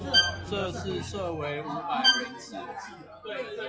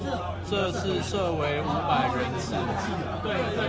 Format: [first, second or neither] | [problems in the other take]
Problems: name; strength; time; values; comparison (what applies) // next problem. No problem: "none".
second | noise reduction (classical method log-MMSE)